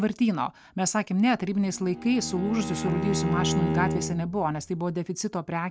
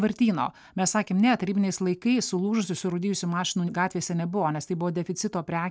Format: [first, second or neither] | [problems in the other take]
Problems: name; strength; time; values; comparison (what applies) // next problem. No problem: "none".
second | background sound (Bowed string instrument); 4 dB below the speech